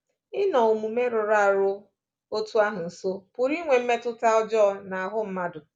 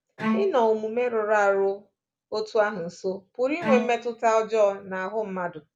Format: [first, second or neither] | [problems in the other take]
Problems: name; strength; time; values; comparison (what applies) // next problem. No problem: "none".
first | background sound (Bowed string instrument); 7 dB below the speech